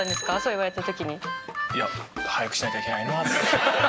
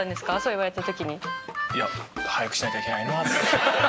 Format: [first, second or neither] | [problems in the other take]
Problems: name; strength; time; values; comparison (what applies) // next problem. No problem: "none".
second | background sound (Bicycle bell); 15 dB below the speech